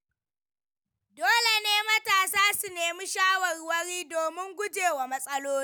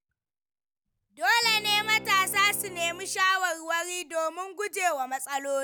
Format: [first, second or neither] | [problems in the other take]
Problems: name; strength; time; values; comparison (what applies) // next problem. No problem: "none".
first | background sound (Bowed string instrument); 18 dB below the speech